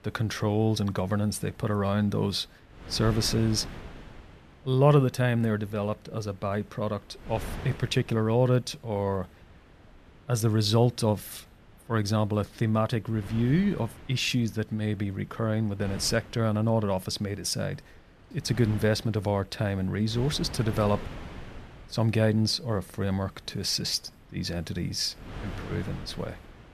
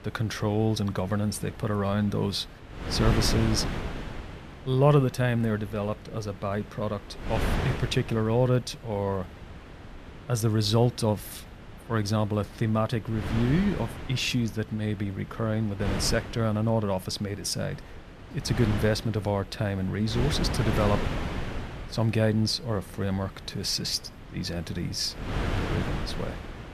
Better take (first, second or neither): first